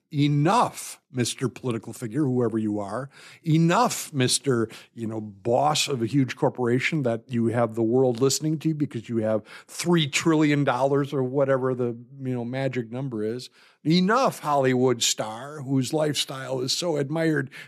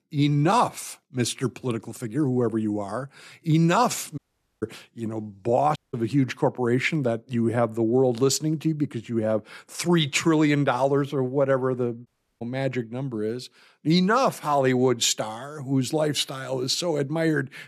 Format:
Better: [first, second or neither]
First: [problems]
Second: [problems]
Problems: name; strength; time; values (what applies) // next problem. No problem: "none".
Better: first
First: none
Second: audio cutting out; at 4 s, at 6 s and at 12 s